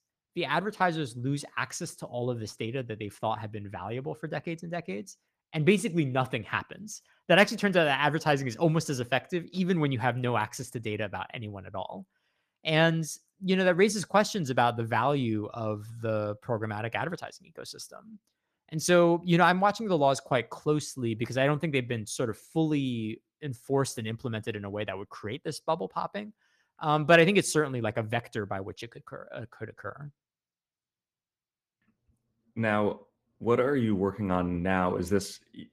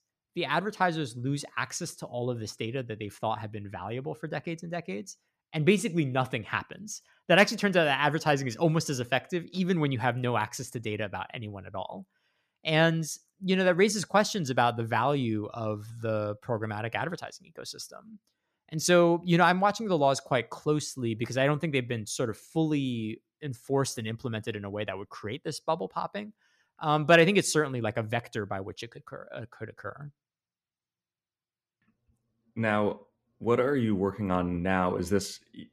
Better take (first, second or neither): second